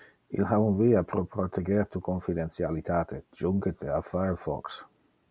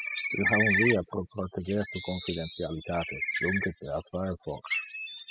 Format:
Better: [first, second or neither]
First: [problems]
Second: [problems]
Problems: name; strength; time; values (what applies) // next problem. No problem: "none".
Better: first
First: none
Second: noise reduction (classical method spectral subtraction)